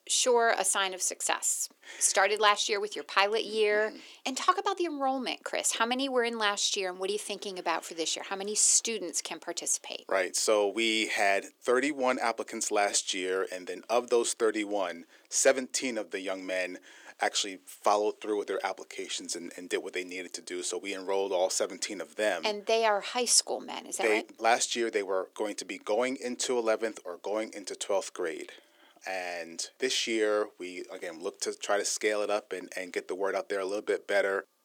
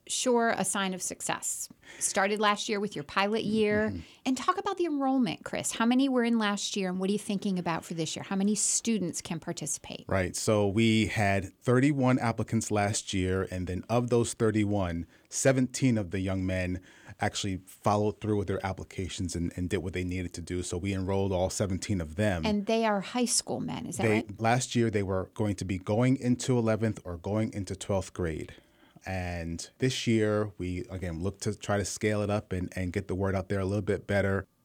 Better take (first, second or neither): second